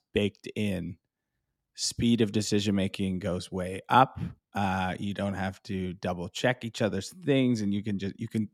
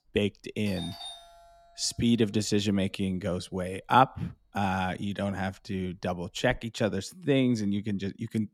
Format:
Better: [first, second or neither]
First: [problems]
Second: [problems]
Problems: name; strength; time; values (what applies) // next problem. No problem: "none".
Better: first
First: none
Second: doorbell; faint; from 0.5 to 6.5 s; peak 10 dB below the speech